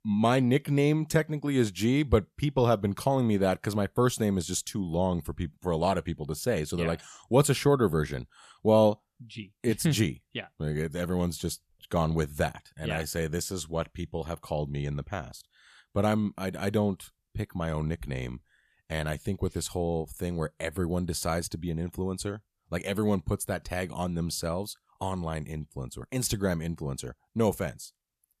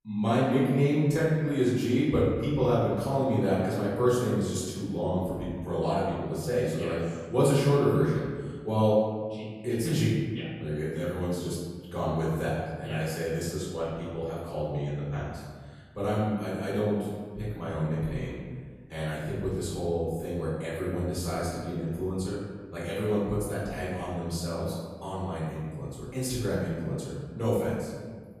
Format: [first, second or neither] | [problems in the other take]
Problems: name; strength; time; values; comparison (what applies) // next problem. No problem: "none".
first | off-mic speech; far // room echo; strong; dies away in 1.4 s